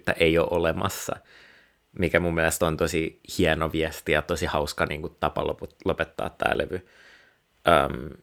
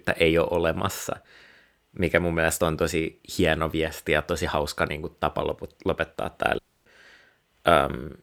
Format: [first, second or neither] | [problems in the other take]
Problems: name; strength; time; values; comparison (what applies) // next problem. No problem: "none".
first | audio cutting out; at 6.5 s